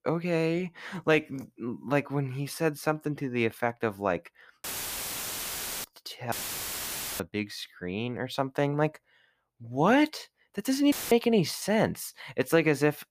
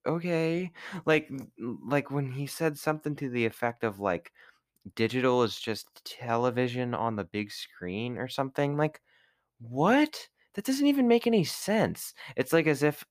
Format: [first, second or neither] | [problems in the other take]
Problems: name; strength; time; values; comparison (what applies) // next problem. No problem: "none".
second | audio cutting out; filled with static; at 4.5 s for 1 s, at 6.5 s for 1 s and at 11 s